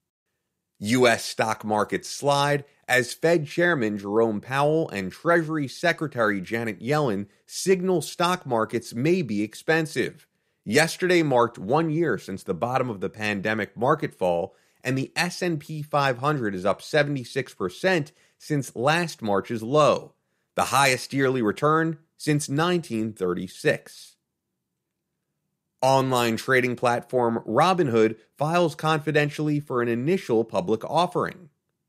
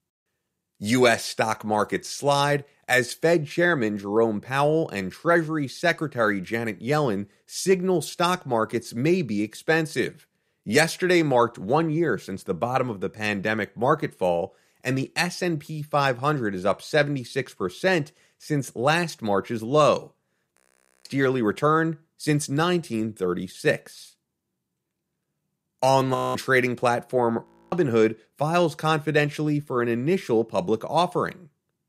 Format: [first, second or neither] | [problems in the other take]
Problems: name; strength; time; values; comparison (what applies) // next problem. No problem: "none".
first | audio freezing; at 21 s, at 26 s and at 27 s